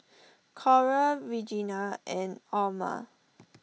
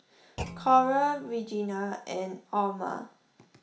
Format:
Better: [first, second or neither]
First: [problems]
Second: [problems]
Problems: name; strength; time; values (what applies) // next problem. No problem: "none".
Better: first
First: none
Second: background sound (Thump, thud); 16 dB below the speech // room echo; dies away in 0.4 s